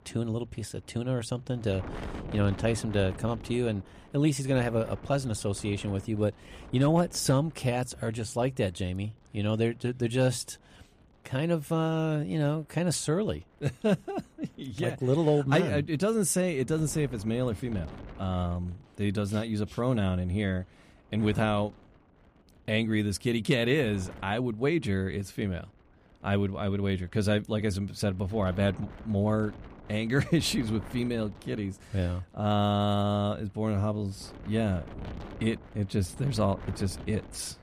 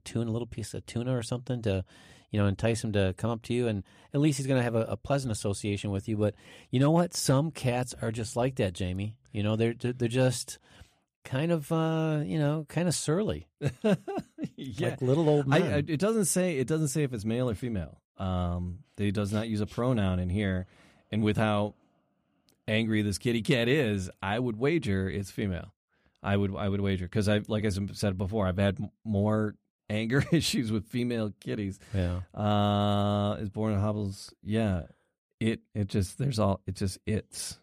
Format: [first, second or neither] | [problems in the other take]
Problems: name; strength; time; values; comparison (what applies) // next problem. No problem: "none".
second | wind noise on the microphone; occasional gusts; 15 dB below the speech